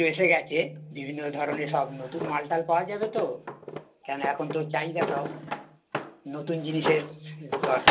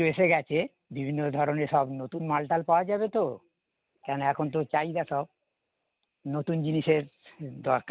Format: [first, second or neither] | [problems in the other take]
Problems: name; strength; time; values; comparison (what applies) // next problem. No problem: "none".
second | background sound (Drawer open or close); 4 dB below the speech // room echo; dies away in 0.2 s